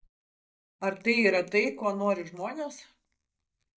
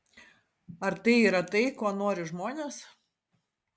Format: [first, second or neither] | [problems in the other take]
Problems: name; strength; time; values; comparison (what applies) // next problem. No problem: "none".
second | noise reduction (neural mask model DeepFilterNet 3)